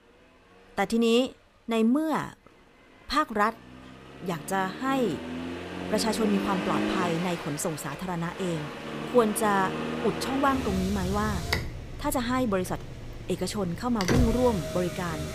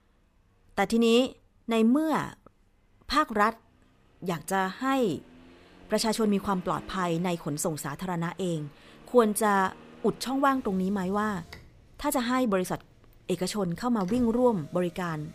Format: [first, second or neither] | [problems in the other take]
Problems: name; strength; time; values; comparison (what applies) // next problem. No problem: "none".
second | traffic noise; loud; throughout; 5 dB below the speech; faint in the second